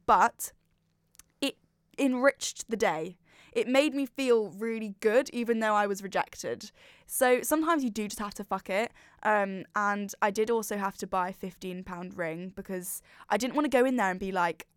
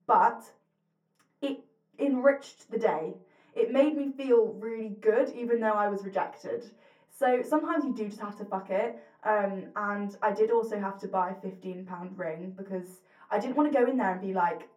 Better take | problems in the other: first | room echo; slight; dies away in 0.4 s // off-mic speech; far

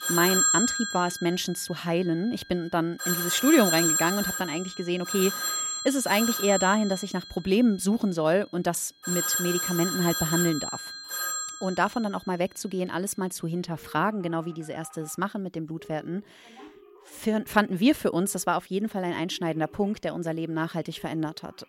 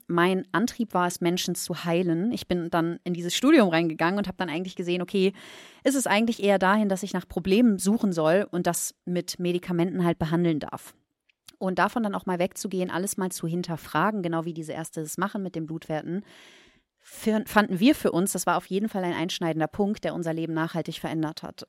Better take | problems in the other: second | alarms or sirens; very loud; throughout; as loud as the speech

